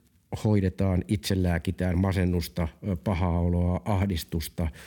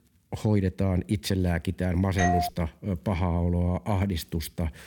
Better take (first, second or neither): first